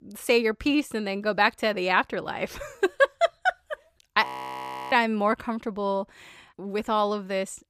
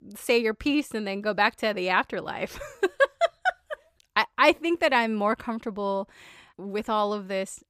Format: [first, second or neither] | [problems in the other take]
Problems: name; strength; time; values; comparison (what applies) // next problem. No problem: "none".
second | audio freezing; at 4.5 s for 0.5 s